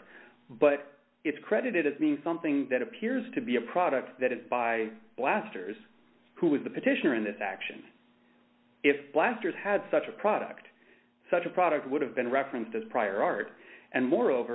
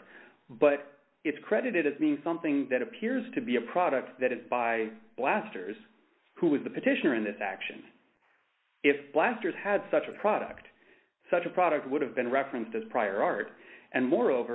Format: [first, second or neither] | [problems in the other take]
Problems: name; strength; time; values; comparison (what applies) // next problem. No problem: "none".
first | noise reduction (neural mask model Resemble Enhance denoiser)